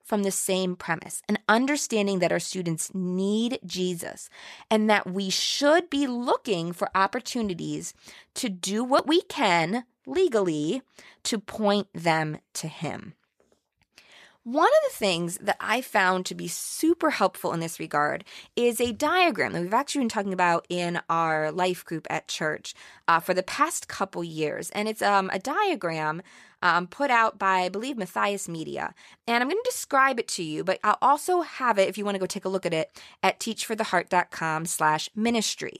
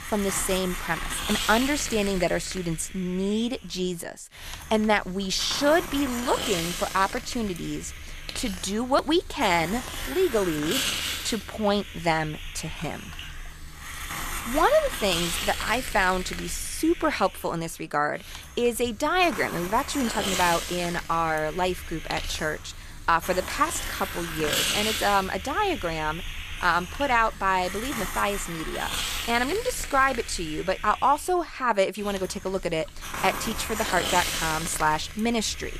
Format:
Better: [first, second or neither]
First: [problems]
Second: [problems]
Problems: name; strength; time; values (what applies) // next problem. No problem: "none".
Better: first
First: none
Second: hiss; loud; throughout; 6 dB below the speech